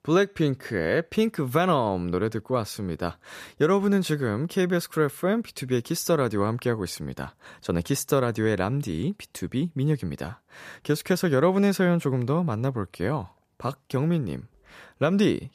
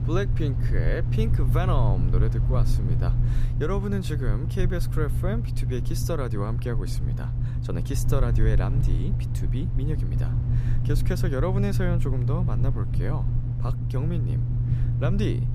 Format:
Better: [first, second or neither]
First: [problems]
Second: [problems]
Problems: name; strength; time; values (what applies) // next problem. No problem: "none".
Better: first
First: none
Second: low rumble; loud; throughout; 5 dB below the speech